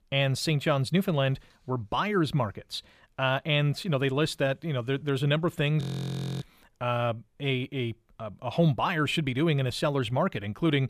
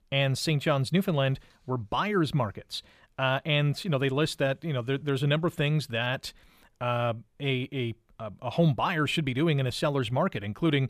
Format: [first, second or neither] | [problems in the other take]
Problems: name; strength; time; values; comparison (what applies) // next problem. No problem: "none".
second | audio freezing; at 6 s for 0.5 s